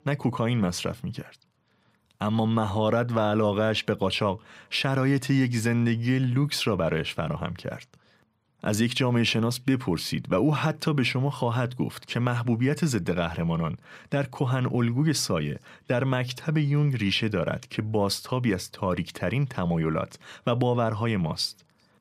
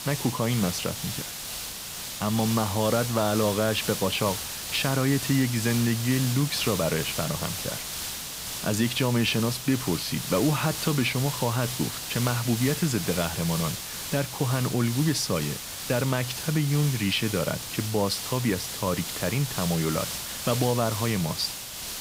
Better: first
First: none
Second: hiss; loud; throughout; 5 dB below the speech

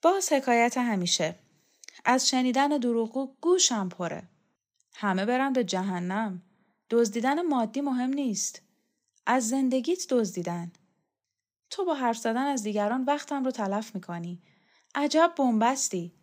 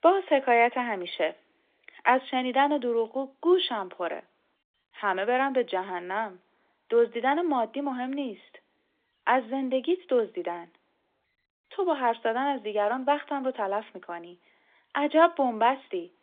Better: first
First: none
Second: phone-call audio

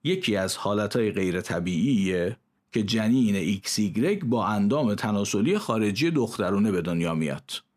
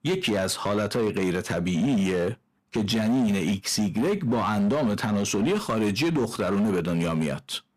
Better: first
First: none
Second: distortion; slight; 17% of the sound clipped

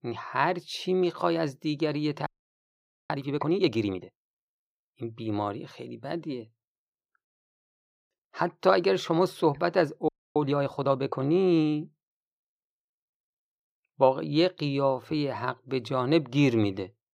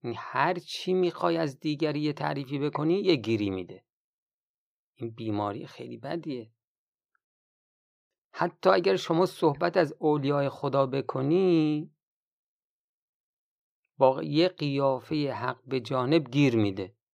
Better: second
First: audio freezing; at 2.5 s for 1 s and at 10 s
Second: none

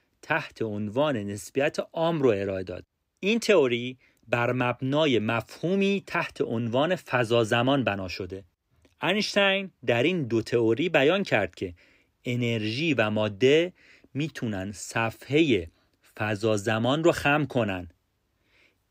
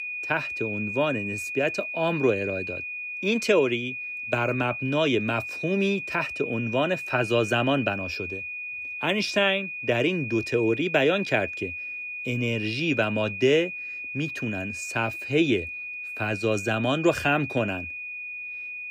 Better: first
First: none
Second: high-pitched whine; loud; throughout; 2.5 kHz, 6 dB below the speech

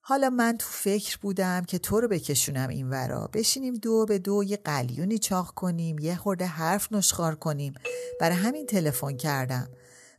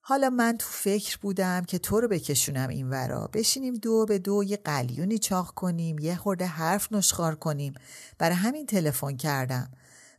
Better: second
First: doorbell; noticeable; from 8 to 9.5 s; peak 7 dB below the speech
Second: none

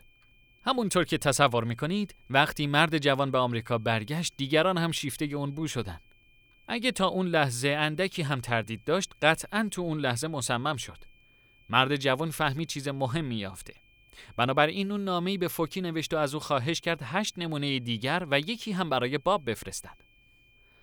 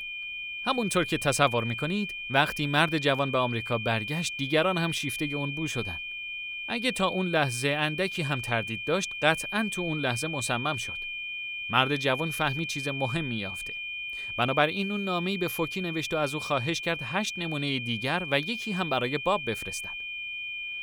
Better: first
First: high-pitched whine; faint; throughout; 2.5 kHz, 35 dB below the speech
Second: high-pitched whine; loud; throughout; 2.5 kHz, 5 dB below the speech

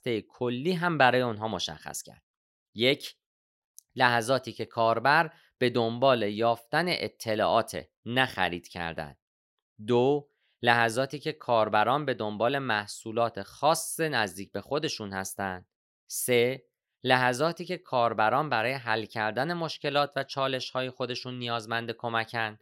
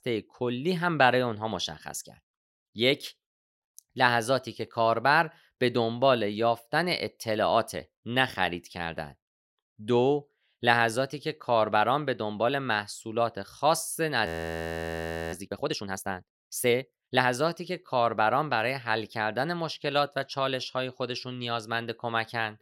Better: first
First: none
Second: audio freezing; at 14 s for 1 s

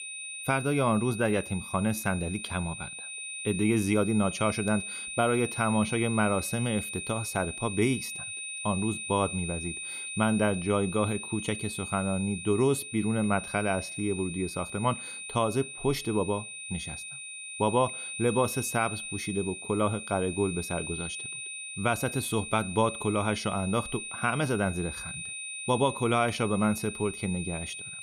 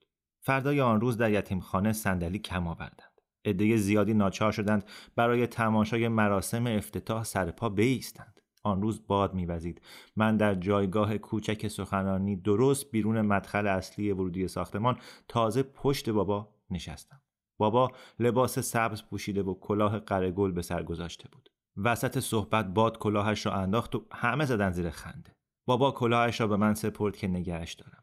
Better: second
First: high-pitched whine; loud; throughout; 2.5 kHz, 7 dB below the speech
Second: none

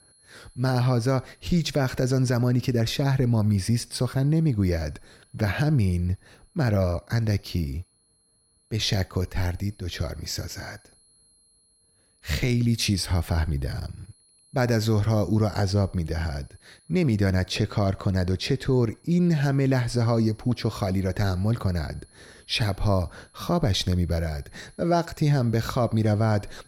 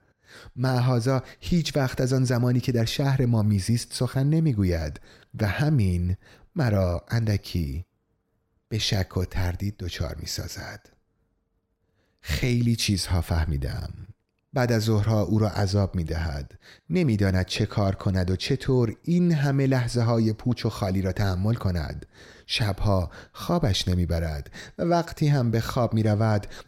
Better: second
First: high-pitched whine; faint; throughout; 10.5 kHz, 35 dB below the speech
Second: none

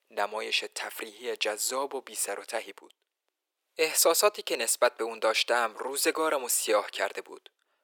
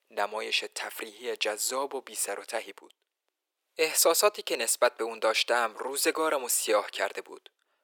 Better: neither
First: thin; very; fading below 400 Hz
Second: thin; very; fading below 400 Hz

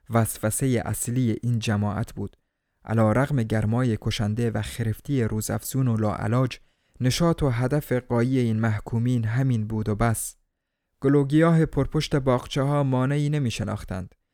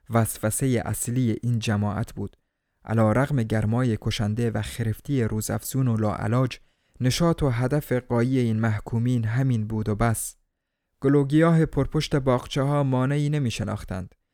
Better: neither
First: none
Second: none

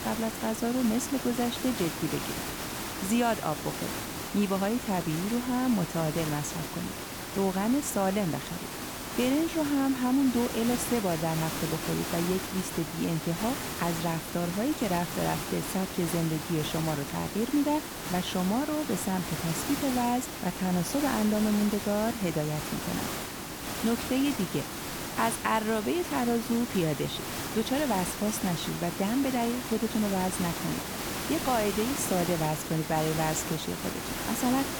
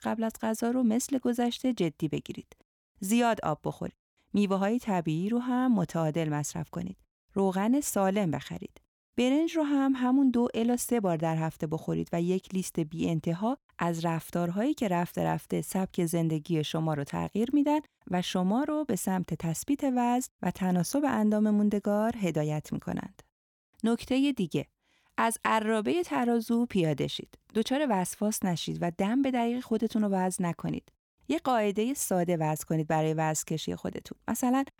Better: second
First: hiss; loud; throughout; 5 dB below the speech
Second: none

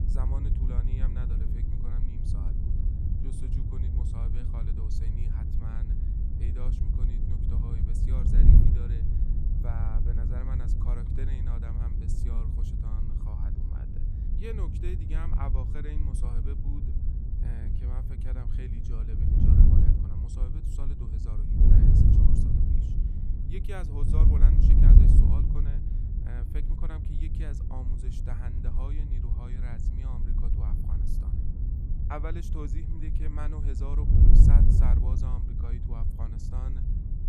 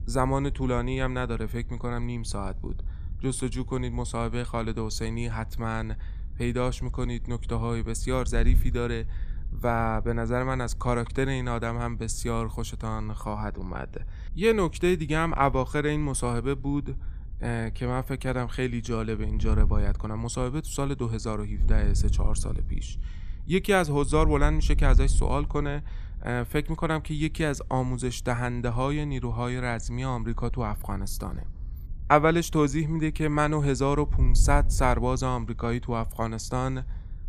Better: second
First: wind noise on the microphone; heavy; 4 dB above the speech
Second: wind noise on the microphone; occasional gusts; 25 dB below the speech

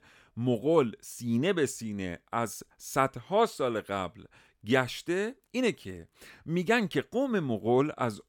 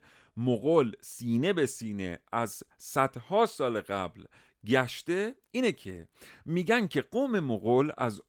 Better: first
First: none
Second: garbled, watery; slightly; nothing above 18 kHz

